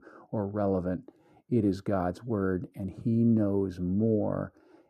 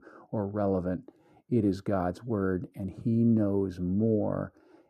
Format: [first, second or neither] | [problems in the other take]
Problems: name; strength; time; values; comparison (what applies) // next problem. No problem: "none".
neither | muffled; very; fading above 1.5 kHz; the same in both